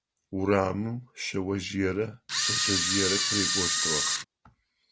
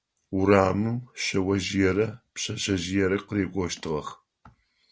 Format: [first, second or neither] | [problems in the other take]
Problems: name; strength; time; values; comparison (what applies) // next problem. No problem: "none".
second | background sound (Camera); 4 dB above the speech